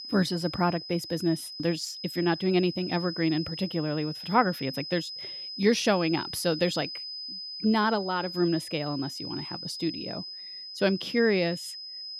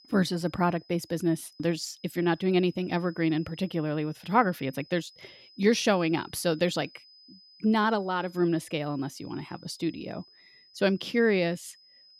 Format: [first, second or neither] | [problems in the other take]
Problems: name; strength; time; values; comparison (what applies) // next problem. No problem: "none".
second | high-pitched whine; loud; throughout; 5 kHz, 9 dB below the speech; faint in the second